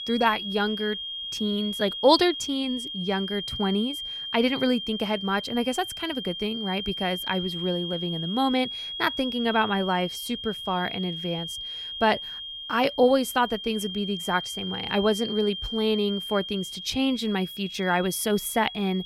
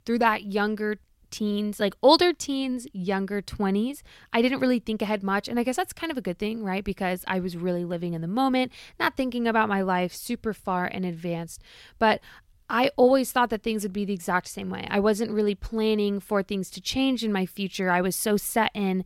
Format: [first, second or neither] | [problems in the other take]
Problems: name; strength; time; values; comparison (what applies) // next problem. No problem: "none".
second | high-pitched whine; loud; throughout; 3 kHz, 6 dB below the speech